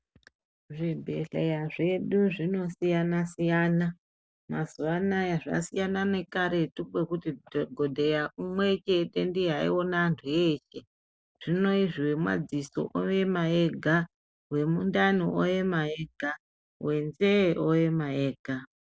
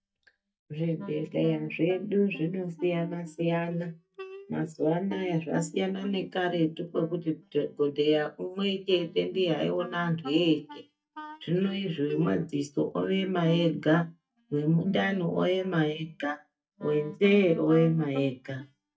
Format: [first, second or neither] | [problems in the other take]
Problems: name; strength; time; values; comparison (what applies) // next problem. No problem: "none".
first | noise reduction (neural mask model DeepFilterNet 3)